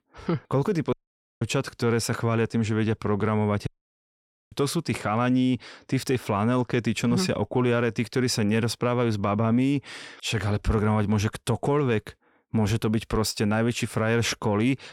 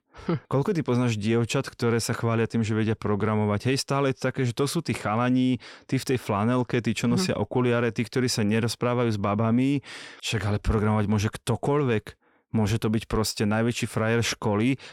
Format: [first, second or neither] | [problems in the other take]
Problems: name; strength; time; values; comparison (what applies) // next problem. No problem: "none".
second | audio cutting out; at 1 s and at 3.5 s for 1 s